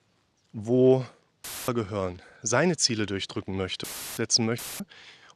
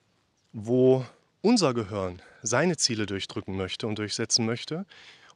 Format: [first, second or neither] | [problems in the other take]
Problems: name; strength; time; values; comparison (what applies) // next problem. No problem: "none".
second | audio cutting out; filled with static; at 1.5 s, at 4 s and at 4.5 s